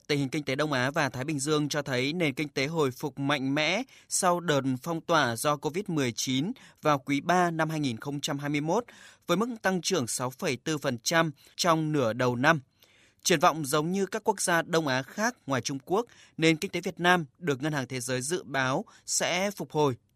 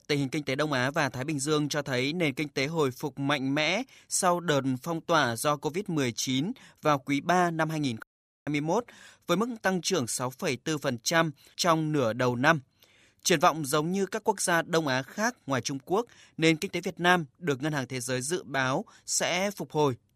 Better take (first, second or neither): first